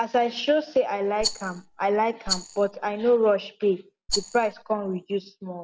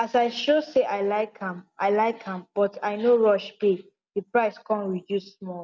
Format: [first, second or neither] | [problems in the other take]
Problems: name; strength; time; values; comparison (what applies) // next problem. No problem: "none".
second | background sound (Rattle); 8 dB below the speech